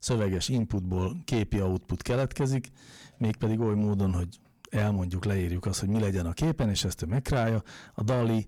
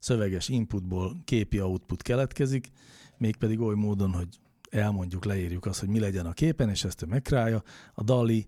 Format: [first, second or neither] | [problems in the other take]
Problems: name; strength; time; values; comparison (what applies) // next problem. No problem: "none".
second | distortion; slight; 10 dB below the speech